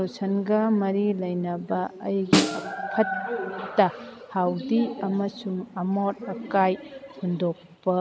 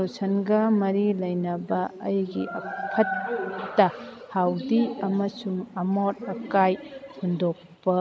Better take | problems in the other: second | background sound (Snare drum); 3 dB below the speech

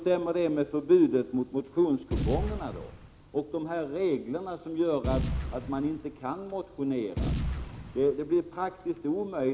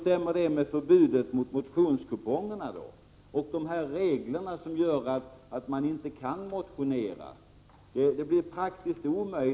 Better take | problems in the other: second | background sound (Boom); 5 dB below the speech

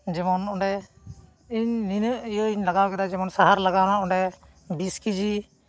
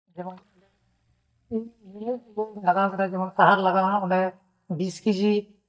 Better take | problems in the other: first | noise reduction (neural mask model DeepFilterNet 3)

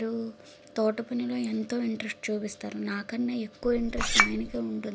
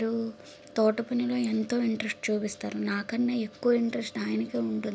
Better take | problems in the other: second | background sound (Chink, clink); 4 dB above the speech

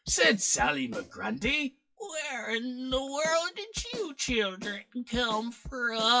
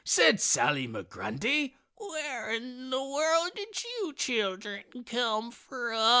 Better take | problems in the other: second | noise reduction (classical method WPE with log-MMSE)

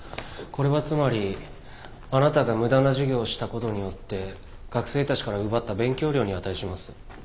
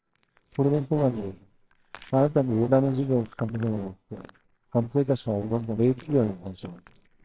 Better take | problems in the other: first | noise reduction (neural separator model SepFormer WHAMR!)

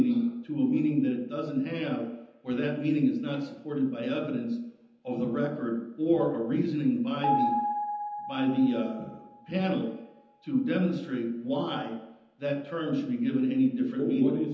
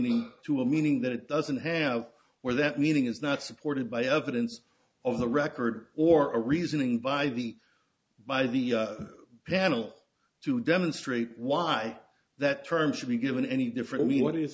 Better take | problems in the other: second | background sound (Piano); 5 dB below the speech // room echo; dies away in 0.9 s

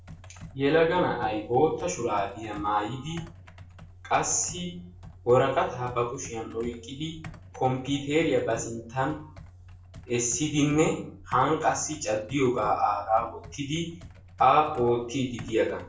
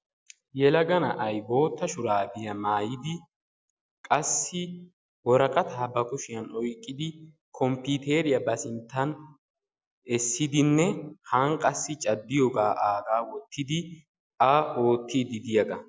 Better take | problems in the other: second | background sound (Computer keyboard); 18 dB below the speech // room echo; dies away in 0.3 s

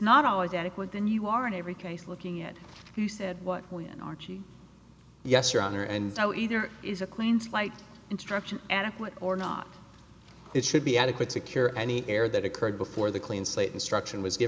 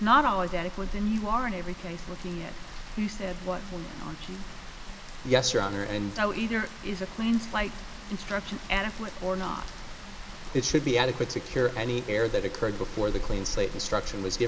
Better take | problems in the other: first | background sound (Rain); 8 dB below the speech

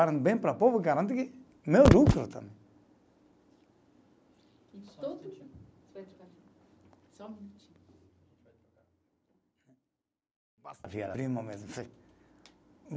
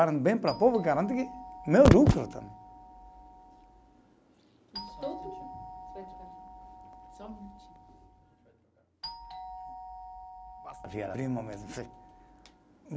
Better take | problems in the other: first | background sound (Doorbell); 17 dB below the speech

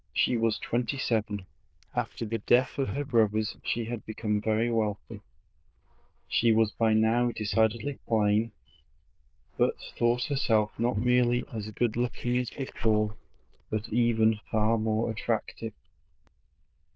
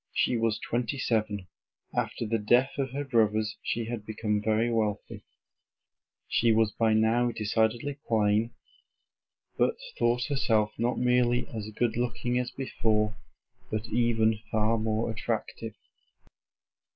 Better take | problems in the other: second | noise reduction (neural diffusion model UNIVERSE++)

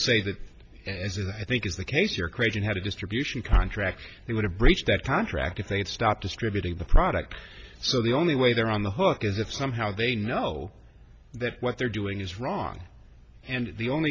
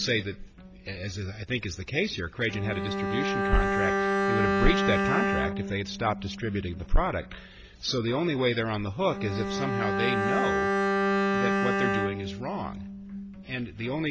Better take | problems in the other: first | background sound (Bowed string instrument); as loud as the speech

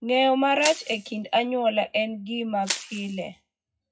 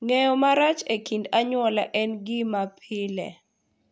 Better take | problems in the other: second | noise reduction (classical method WPE with log-MMSE)

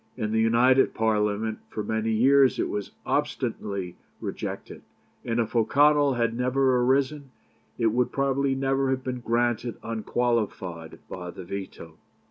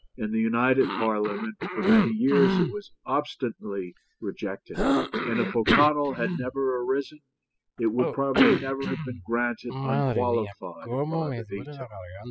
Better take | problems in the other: first | noise reduction (classical method spectral subtraction)

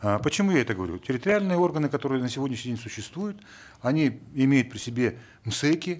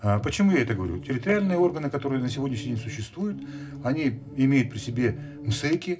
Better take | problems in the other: first | background sound (Musical instrument); 13 dB below the speech // room echo; dies away in 0.4 s

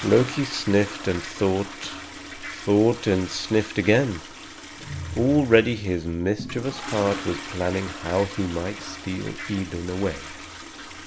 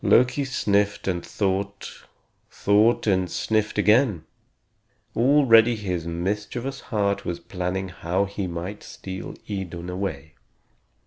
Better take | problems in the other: second | background sound (Toilet flush); 12 dB below the speech

